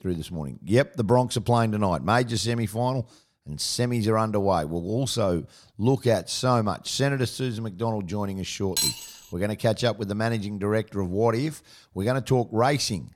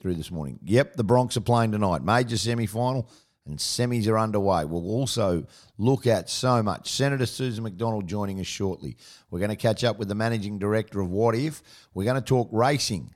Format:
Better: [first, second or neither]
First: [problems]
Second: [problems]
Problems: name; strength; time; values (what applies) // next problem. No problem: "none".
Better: second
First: clattering dishes; loud; at 9 s; peak 1 dB above the speech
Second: none